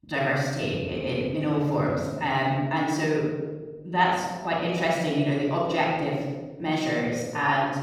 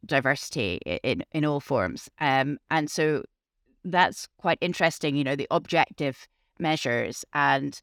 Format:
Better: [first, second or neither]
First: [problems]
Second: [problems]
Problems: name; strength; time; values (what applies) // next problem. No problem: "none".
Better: second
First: off-mic speech; far // room echo; strong; dies away in 1.3 s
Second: none